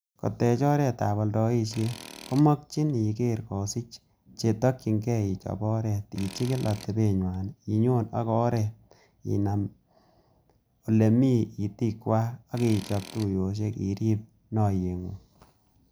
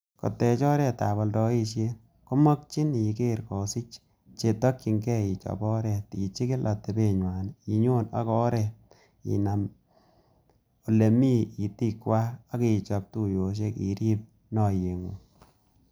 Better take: second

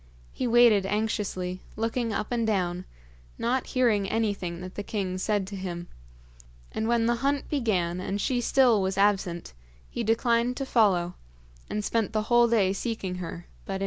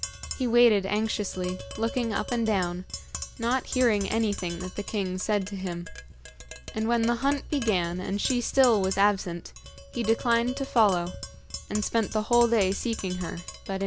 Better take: first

